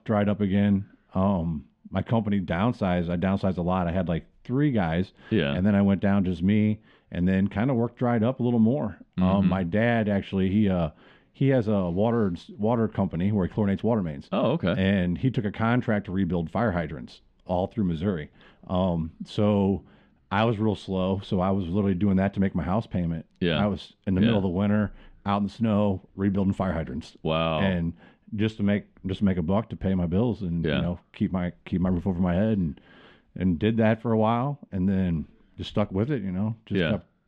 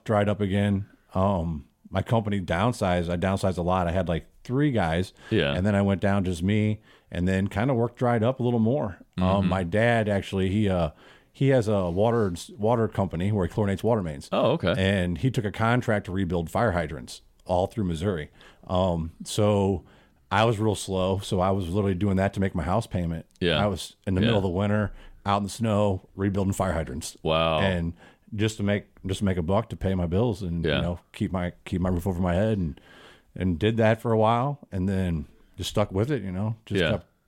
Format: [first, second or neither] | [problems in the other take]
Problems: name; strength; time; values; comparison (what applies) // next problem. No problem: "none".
second | muffled; slightly; fading above 3 kHz